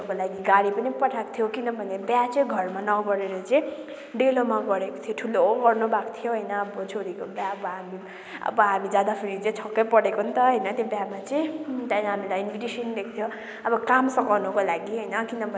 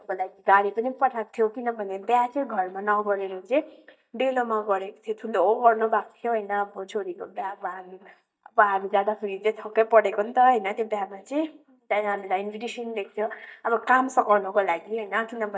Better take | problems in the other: first | noise reduction (neural mask model DeepFilterNet 3)

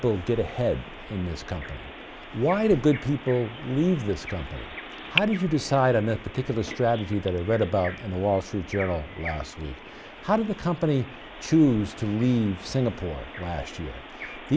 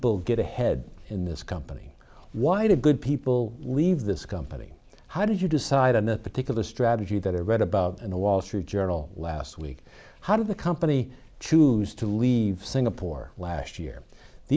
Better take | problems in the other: second | background sound (Bird vocalization, bird call, bird song); 13 dB below the speech

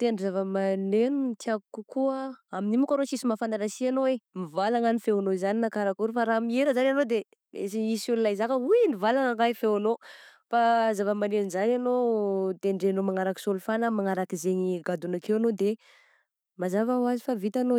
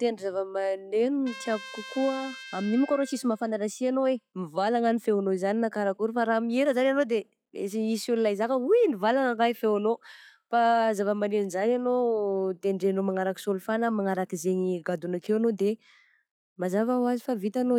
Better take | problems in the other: first | noise reduction (classical method log-MMSE)

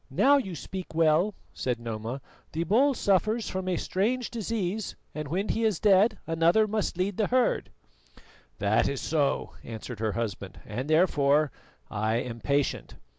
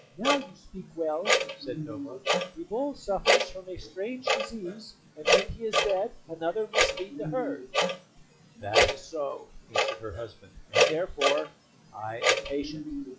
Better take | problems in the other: first | noise reduction (classical method log-MMSE)

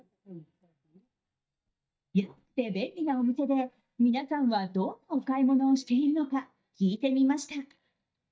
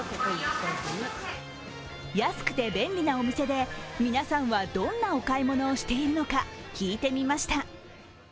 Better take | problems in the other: second | noise reduction (neural mask model DeepFilterNet 3)

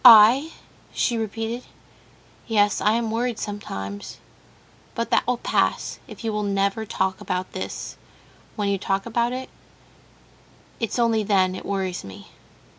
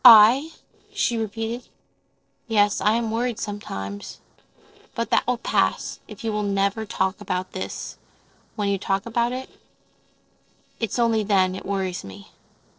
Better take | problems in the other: first | noise reduction (neural separator model SepFormer DNS4)

